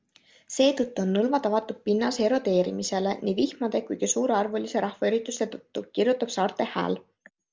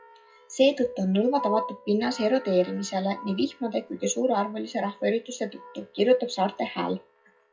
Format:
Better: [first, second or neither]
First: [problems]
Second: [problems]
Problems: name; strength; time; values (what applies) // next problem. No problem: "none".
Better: first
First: none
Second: noise reduction (classical method WPE with log-MMSE)